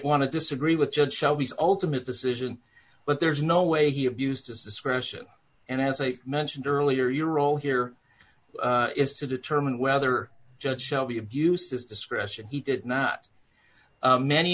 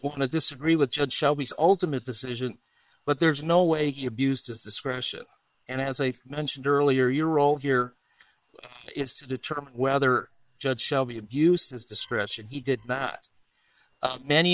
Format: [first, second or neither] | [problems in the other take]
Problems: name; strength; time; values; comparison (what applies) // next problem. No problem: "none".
first | noise reduction (neural separator model SepFormer WHAM!)